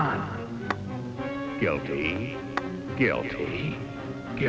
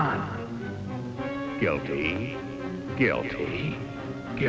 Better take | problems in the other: second | background sound (Tap / Glass); 12 dB below the speech

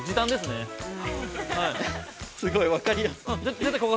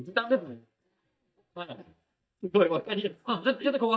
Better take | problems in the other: first | noise reduction (neural mask model DeepFilterNet 3)

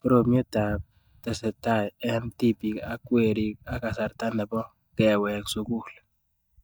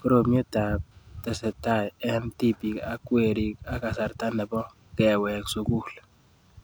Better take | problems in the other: second | noise reduction (neural mask model DeepFilterNet 3)

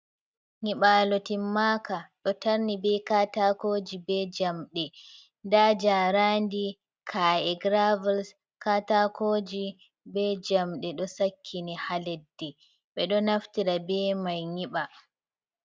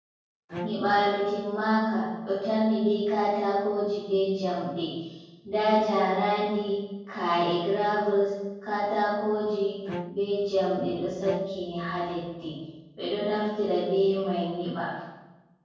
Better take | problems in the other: first | background sound (Bowed string instrument); 12 dB below the speech // room echo; dies away in 1.3 s

